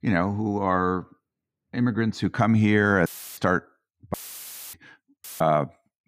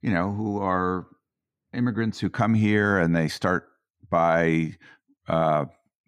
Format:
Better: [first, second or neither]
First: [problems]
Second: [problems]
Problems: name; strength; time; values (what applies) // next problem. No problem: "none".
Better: second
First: audio cutting out; filled with static; at 3 s, at 4 s for 0.5 s and at 5 s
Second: none